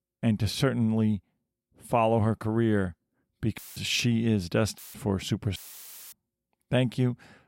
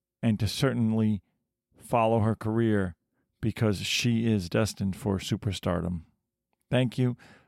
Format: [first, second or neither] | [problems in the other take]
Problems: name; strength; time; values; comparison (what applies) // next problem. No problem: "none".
second | audio cutting out; filled with static; at 3.5 s, at 5 s and at 5.5 s for 0.5 s